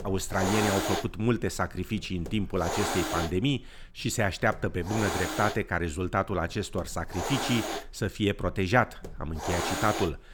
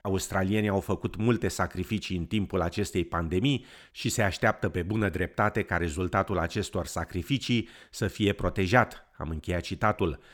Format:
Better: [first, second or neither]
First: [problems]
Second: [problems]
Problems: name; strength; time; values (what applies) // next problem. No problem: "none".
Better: second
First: hiss; loud; throughout; 3 dB below the speech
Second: none